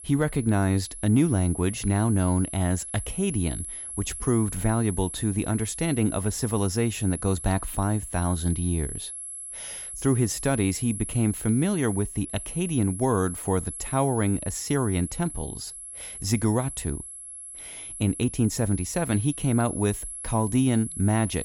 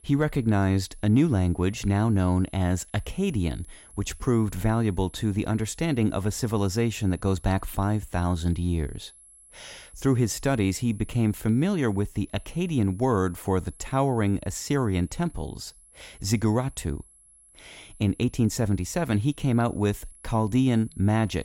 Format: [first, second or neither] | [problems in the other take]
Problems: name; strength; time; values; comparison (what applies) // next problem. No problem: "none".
second | high-pitched whine; loud; throughout; 11 kHz, 9 dB below the speech; faint in the second